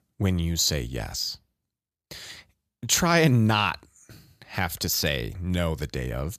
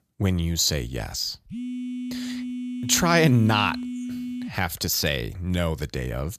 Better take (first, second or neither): first